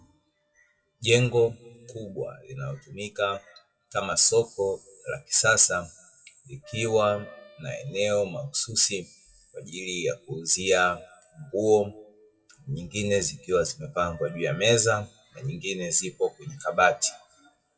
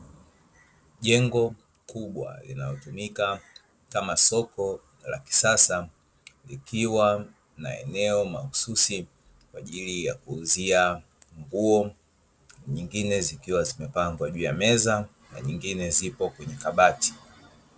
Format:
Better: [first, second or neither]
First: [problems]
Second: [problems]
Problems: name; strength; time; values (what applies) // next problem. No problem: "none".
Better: second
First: noise reduction (classical method WPE with log-MMSE)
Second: none